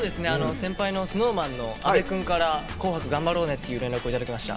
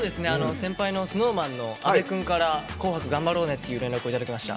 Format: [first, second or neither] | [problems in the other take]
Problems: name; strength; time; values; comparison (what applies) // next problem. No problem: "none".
second | background sound (Chatter); 13 dB below the speech